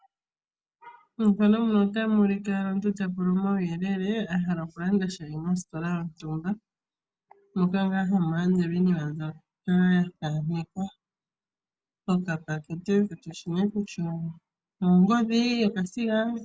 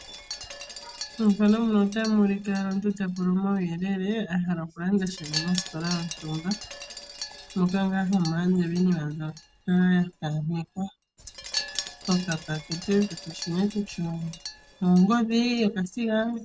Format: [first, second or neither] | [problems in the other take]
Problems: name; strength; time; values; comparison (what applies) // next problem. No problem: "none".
first | background sound (Wind chime); 14 dB below the speech